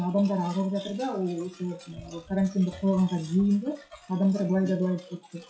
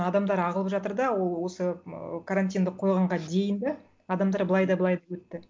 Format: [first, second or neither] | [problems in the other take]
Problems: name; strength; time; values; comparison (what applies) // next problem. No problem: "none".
second | noise reduction (classical method WPE with log-MMSE)